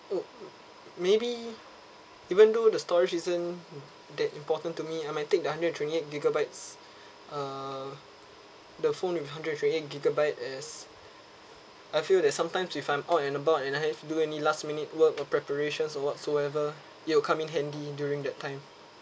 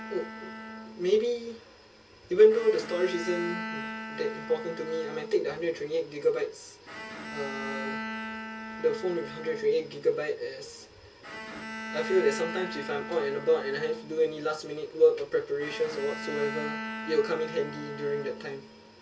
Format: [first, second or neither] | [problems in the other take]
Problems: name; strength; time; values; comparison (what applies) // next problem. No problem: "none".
first | background sound (Bowed string instrument); 10 dB below the speech // room echo; dies away in 0.2 s